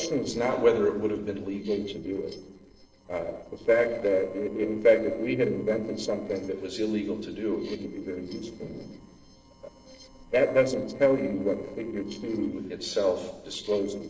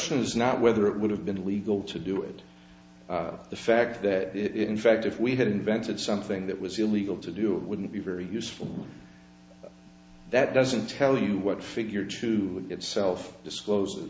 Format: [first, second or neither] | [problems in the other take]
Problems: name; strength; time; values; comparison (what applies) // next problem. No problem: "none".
second | noise reduction (neural separator model SepFormer DNS4)